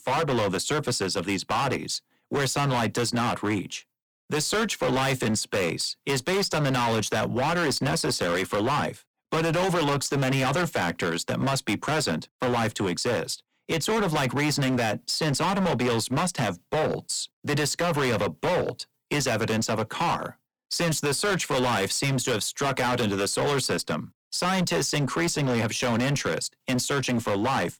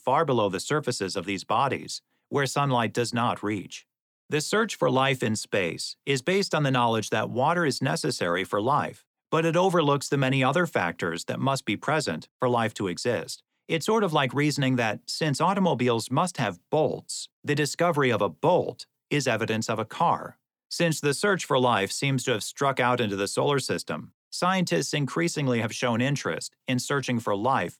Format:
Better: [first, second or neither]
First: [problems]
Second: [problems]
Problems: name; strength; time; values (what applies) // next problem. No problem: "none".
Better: second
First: distortion; heavy; 24% of the sound clipped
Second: none